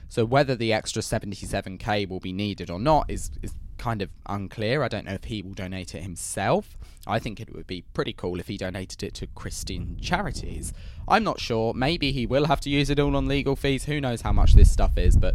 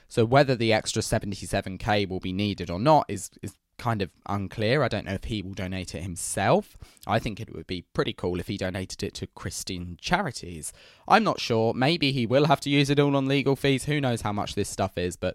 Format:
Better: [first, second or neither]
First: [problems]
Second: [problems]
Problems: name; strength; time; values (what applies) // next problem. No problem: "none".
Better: second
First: wind noise on the microphone; occasional gusts; 20 dB below the speech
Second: none